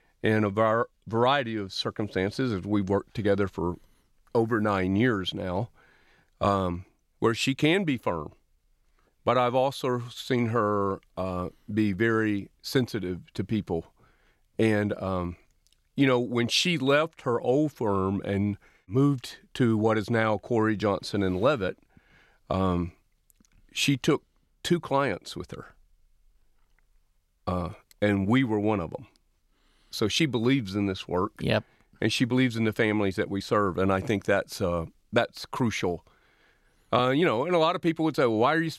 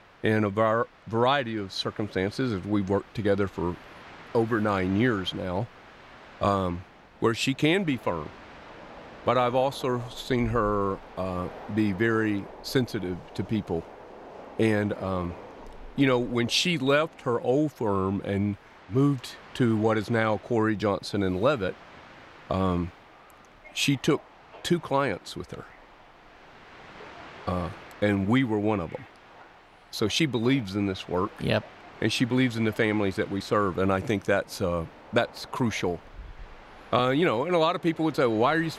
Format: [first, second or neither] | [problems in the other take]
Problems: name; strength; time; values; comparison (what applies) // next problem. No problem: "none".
first | train or aircraft noise; faint; throughout; 20 dB below the speech